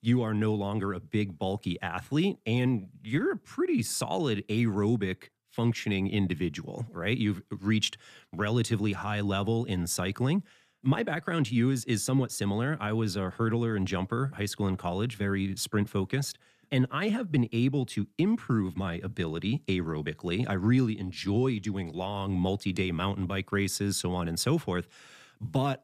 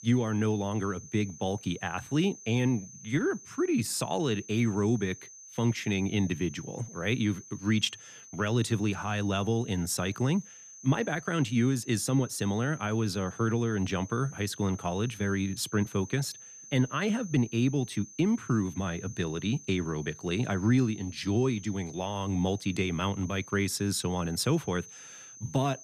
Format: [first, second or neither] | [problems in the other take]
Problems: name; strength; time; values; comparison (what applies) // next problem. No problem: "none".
first | high-pitched whine; noticeable; throughout; 6 kHz, 15 dB below the speech